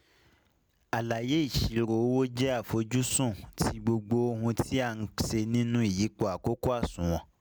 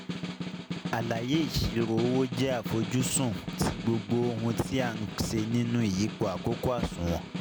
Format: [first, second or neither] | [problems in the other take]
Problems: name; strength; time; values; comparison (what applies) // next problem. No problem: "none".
first | background sound (Snare drum); 7 dB below the speech